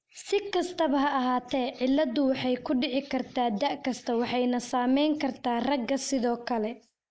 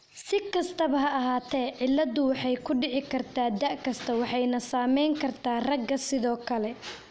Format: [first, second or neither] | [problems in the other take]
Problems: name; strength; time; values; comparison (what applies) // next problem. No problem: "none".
second | noise reduction (neural mask model Resemble Enhance denoiser)